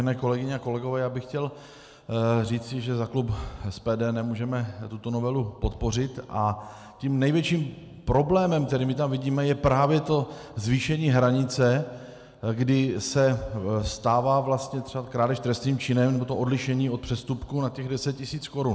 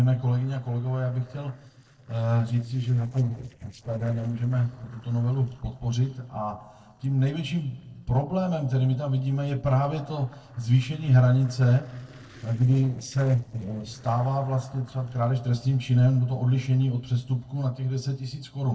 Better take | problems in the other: first | noise reduction (neural separator model SepFormer DNS4)

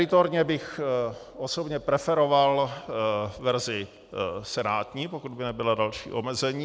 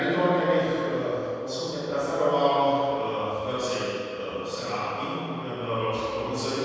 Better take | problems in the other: first | room echo; dies away in 2.1 s

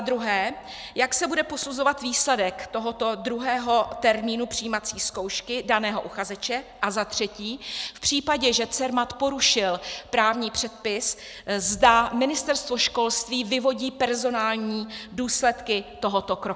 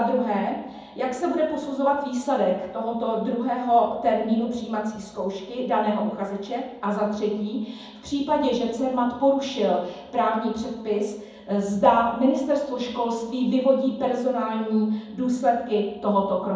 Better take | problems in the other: first | room echo; dies away in 1.2 s

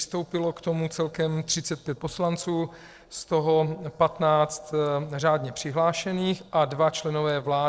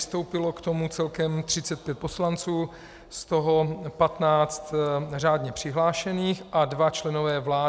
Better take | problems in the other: second | noise reduction (neural separator model SepFormer DNS4)

